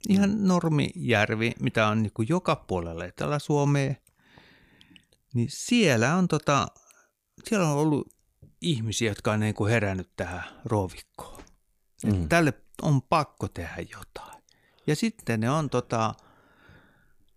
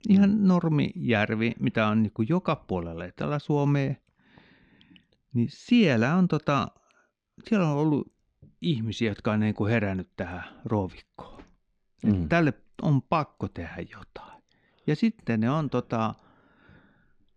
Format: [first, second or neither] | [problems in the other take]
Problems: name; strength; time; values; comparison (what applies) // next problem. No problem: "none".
first | muffled; slightly; fading above 4 kHz